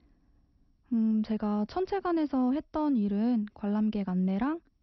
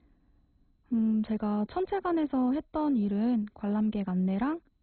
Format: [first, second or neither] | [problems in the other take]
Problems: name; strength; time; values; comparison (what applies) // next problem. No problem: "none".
first | garbled, watery; badly; nothing above 4 kHz; slightly in the first